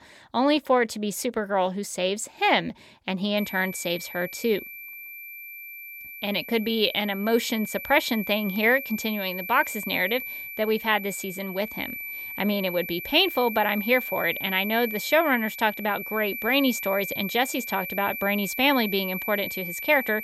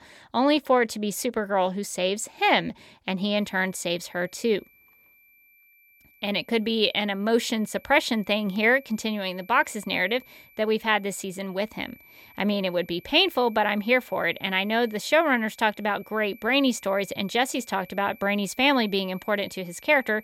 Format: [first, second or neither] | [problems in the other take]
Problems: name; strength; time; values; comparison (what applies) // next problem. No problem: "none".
second | high-pitched whine; loud; from 3.5 s on; 2.5 kHz, 8 dB below the speech; faint in the second